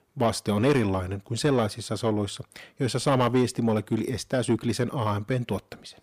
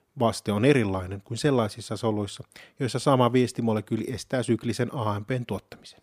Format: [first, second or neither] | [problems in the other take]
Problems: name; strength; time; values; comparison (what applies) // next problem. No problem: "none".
second | distortion; slight; 10 dB below the speech